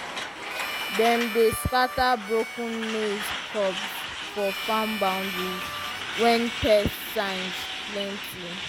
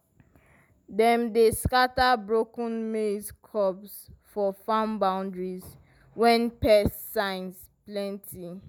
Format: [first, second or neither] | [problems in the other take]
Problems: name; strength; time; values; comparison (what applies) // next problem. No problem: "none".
second | background sound (Harmonica + Truck); 5 dB below the speech